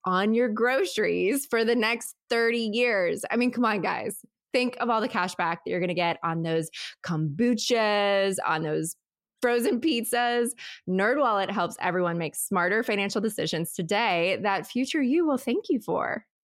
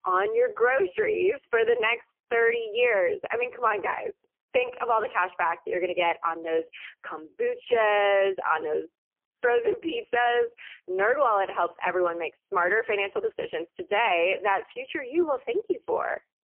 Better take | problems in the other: first | phone-call audio; poor line; nothing above 3 kHz

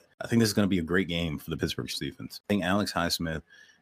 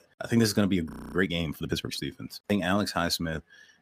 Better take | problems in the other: first | audio freezing; at 1 s

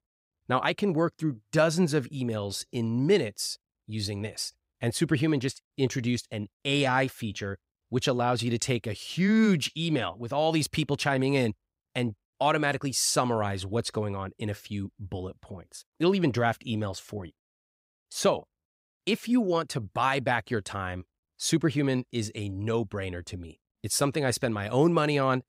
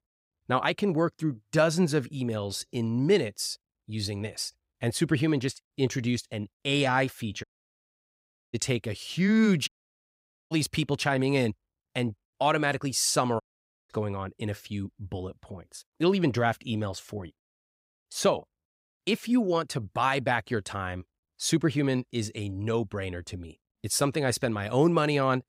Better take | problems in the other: first | audio cutting out; at 7.5 s for 1 s, at 9.5 s for 1 s and at 13 s

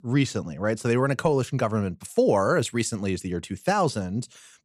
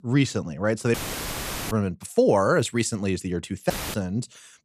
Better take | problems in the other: first | audio cutting out; filled with static; at 1 s for 1 s and at 3.5 s

